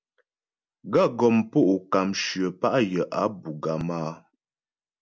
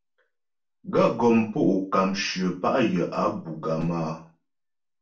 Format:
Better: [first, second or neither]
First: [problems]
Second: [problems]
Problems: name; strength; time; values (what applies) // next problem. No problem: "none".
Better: first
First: none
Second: room echo; dies away in 0.3 s